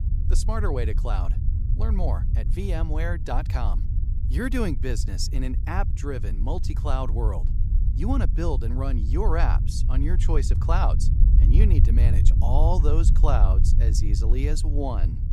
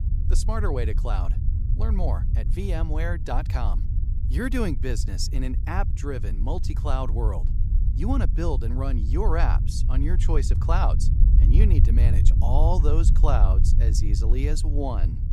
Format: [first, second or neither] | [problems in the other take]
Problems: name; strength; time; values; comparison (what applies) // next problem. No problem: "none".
neither | low rumble; loud; throughout; 9 dB below the speech; the same in both